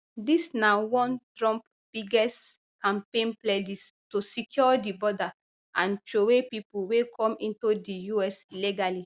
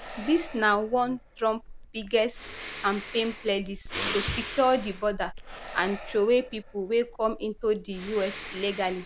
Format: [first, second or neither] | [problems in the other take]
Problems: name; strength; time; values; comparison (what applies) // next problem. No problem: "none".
first | background sound (Breathing); 11 dB below the speech